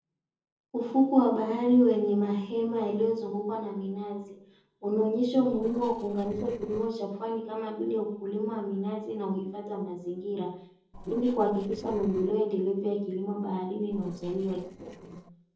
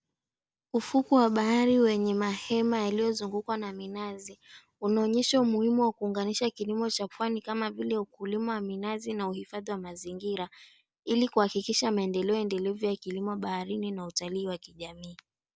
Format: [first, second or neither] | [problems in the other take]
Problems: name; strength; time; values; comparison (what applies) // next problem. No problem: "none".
second | noise reduction (neural separator model SepFormer DNS4)